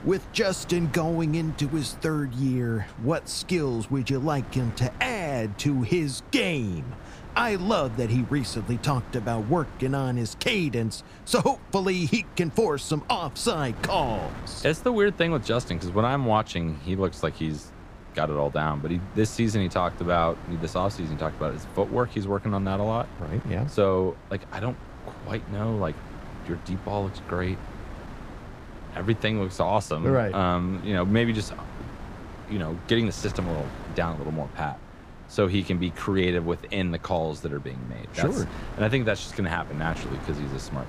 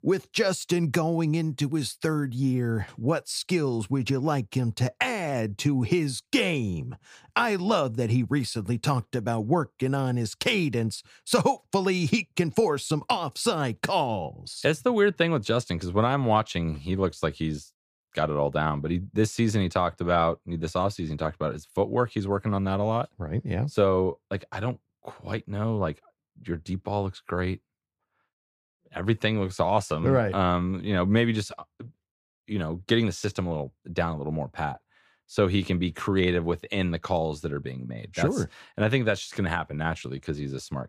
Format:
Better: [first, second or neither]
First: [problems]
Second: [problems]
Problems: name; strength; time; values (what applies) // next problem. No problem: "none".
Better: second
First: wind noise on the microphone; occasional gusts; 15 dB below the speech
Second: none